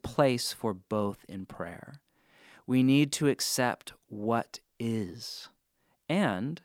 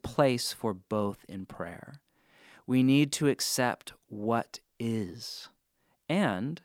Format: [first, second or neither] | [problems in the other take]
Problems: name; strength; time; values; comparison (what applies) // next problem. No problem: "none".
neither | none